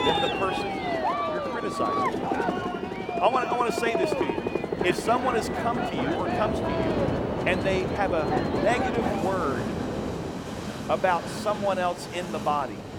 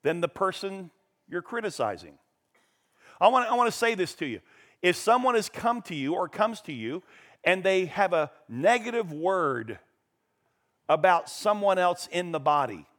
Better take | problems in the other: second | train or aircraft noise; very loud; throughout; as loud as the speech

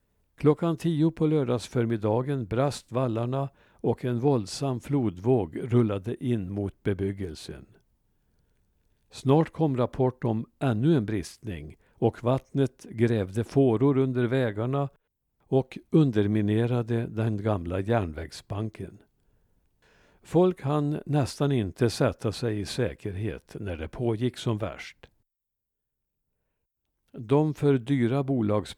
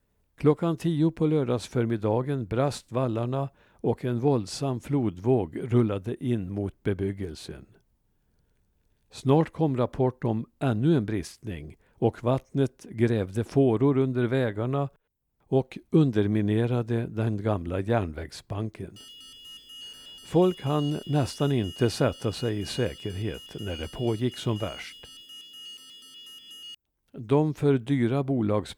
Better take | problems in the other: first | alarm; faint; from 19 to 27 s; peak 15 dB below the speech

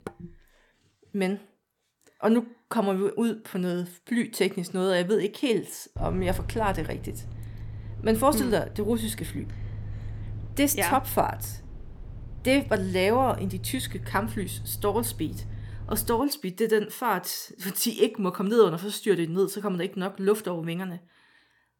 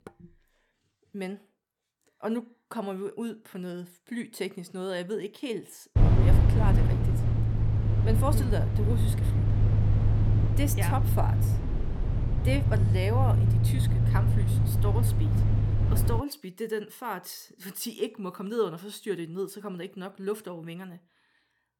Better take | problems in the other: first | low rumble; loud; from 6 to 16 s; 2 dB below the speech; faint in the first

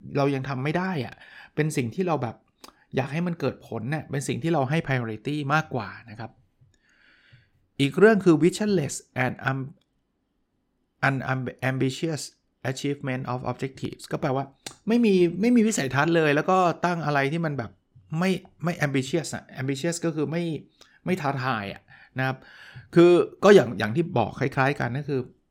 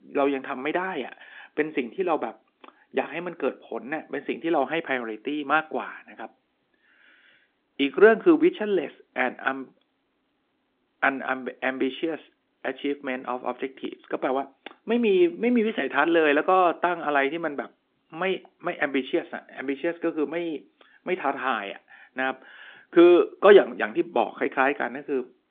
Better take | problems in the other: first | phone-call audio; nothing above 3.5 kHz

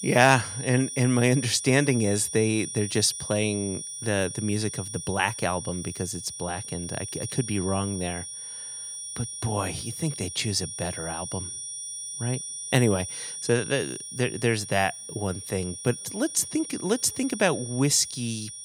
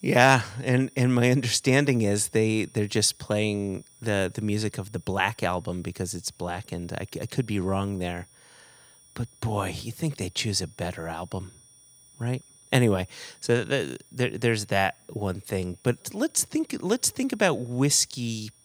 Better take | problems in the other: second | high-pitched whine; loud; throughout; 9.5 kHz, 8 dB below the speech; faint in the second

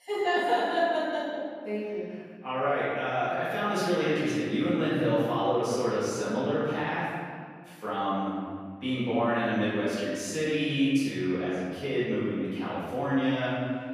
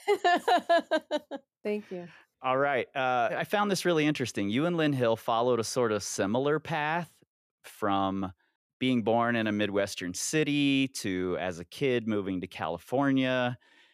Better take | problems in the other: second | off-mic speech; far // room echo; strong; dies away in 1.8 s

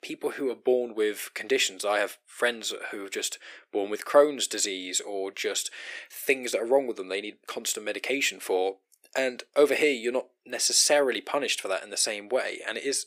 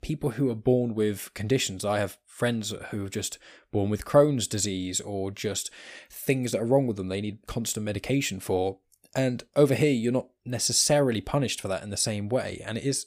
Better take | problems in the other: second | thin; somewhat; fading below 350 Hz

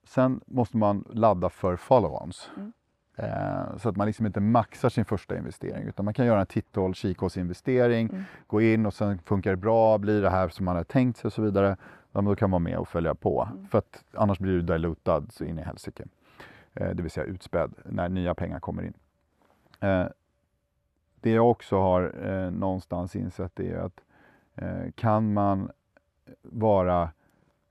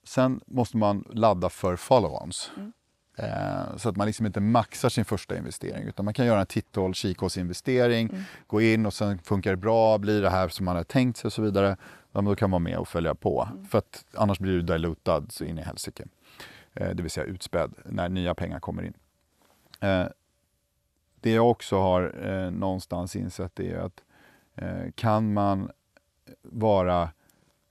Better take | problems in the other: second | muffled; slightly; fading above 3 kHz

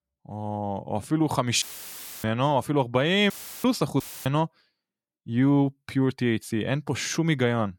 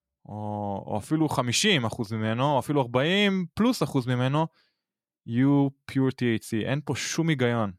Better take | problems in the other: second | audio cutting out; filled with static; at 1.5 s for 0.5 s, at 3.5 s and at 4 s

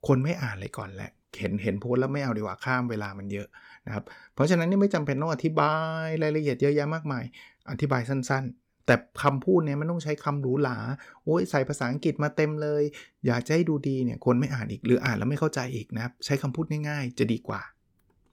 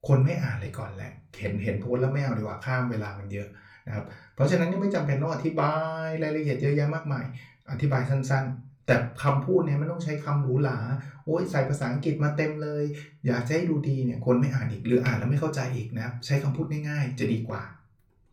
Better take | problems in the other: first | off-mic speech; somewhat distant // room echo; very slight; dies away in 0.3 s

